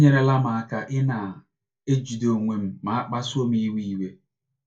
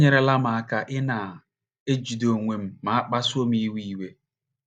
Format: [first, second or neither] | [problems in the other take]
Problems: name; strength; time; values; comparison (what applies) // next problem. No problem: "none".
second | room echo; dies away in 0.2 s